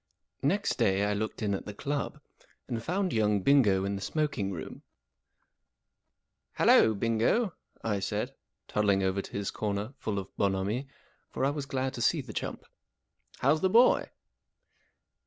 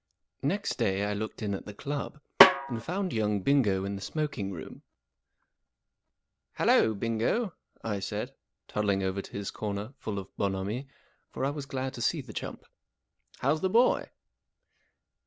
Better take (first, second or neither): first